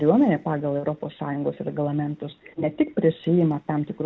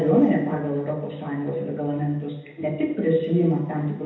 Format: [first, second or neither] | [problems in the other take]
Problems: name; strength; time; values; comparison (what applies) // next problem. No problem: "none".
first | room echo; dies away in 0.9 s